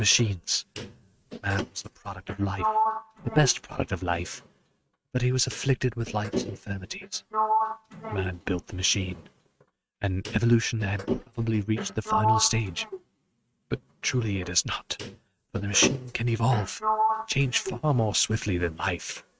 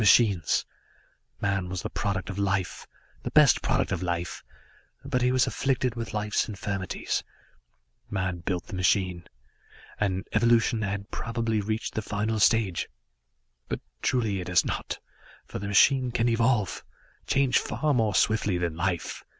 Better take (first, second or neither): second